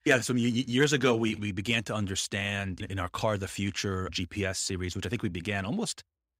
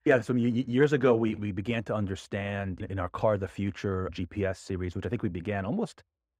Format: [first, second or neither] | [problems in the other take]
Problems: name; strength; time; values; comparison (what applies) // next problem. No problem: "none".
first | muffled; very; fading above 2.5 kHz